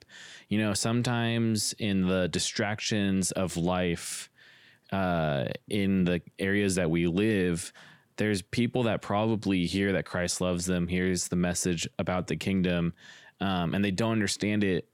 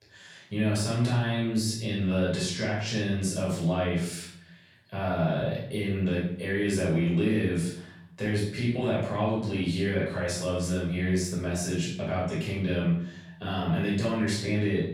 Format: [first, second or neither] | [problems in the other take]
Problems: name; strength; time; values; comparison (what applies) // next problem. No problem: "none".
first | off-mic speech; far // room echo; noticeable; dies away in 0.6 s